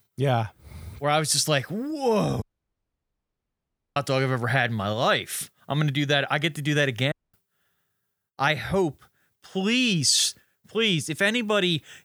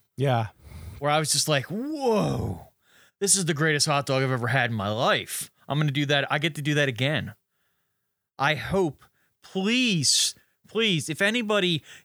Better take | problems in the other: second | audio cutting out; at 2.5 s for 1.5 s and at 7 s

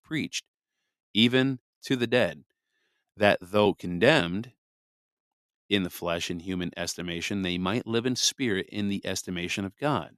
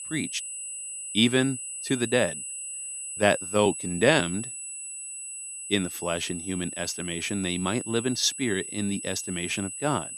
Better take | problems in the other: first | high-pitched whine; loud; throughout; 8 kHz, 7 dB below the speech

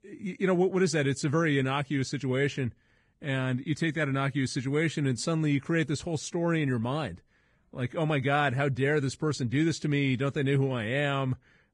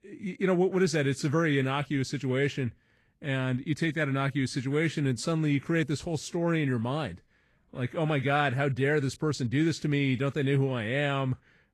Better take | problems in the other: second | garbled, watery; badly; slightly in the second

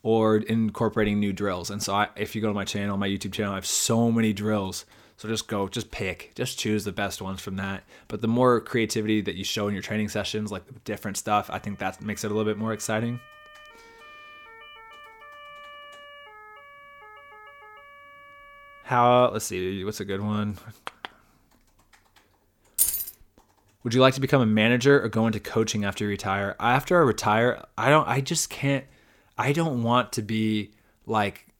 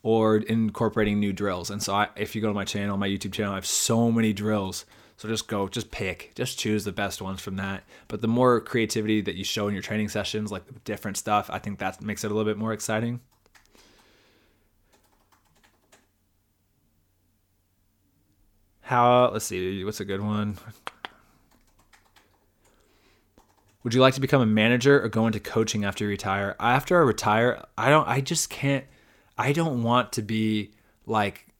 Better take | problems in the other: second | siren; faint; from 11 to 19 s; peak 20 dB below the speech // jangling keys; loud; at 23 s; peak 3 dB above the speech

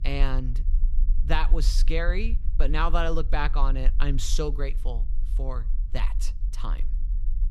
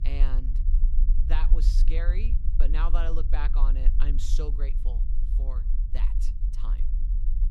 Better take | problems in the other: first | low rumble; loud; throughout; 10 dB below the speech; faint in the first

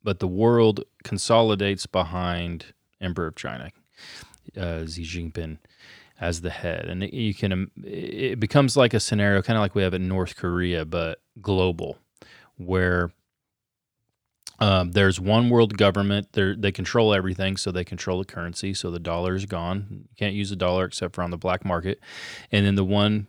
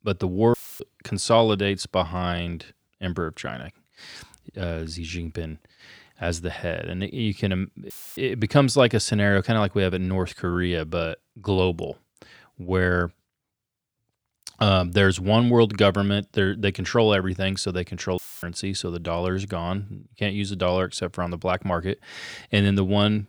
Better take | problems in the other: first | audio cutting out; filled with static; at 0.5 s, at 8 s and at 18 s

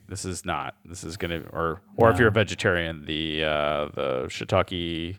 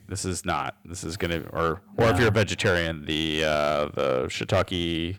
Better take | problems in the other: first | distortion; heavy; 5% of the sound clipped

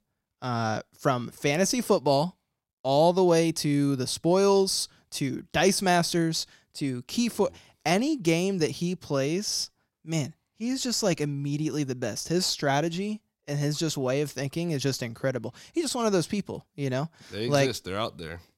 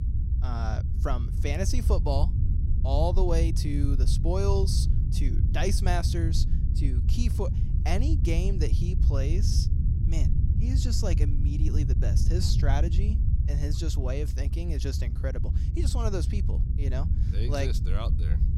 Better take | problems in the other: first | low rumble; loud; throughout; 7 dB below the speech

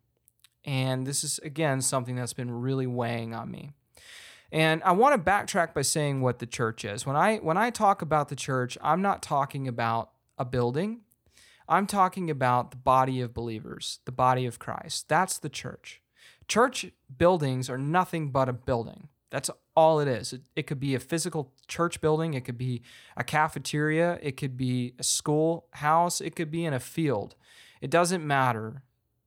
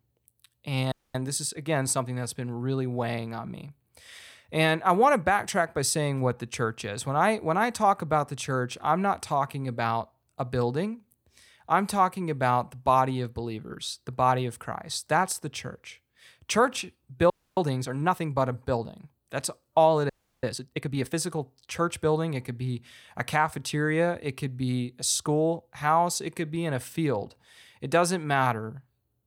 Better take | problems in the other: first | audio freezing; at 1 s, at 17 s and at 20 s

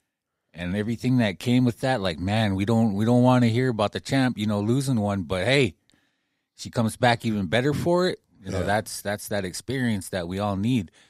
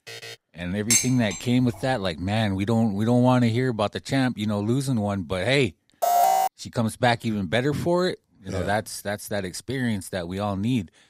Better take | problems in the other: first | alarm; faint; at the start; peak 15 dB below the speech // clattering dishes; loud; at 1 s; peak 4 dB above the speech // alarm; loud; at 6 s; peak 5 dB above the speech

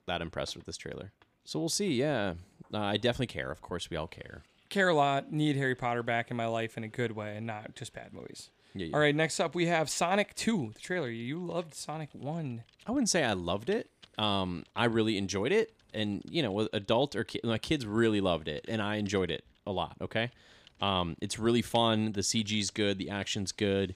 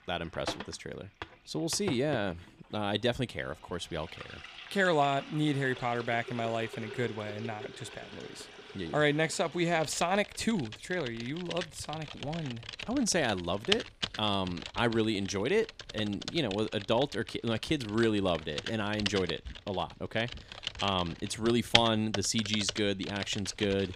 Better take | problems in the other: first | household noises; loud; throughout; 8 dB below the speech; faint in the first

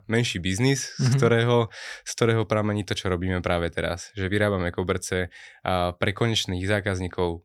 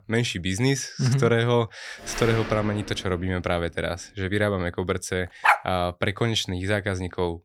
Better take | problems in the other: first | door banging; noticeable; from 2 to 3.5 s; peak 6 dB below the speech // dog barking; loud; at 5.5 s; peak 4 dB above the speech

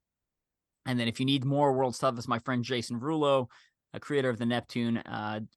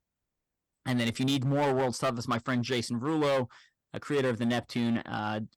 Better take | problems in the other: first | distortion; slight; 10% of the sound clipped

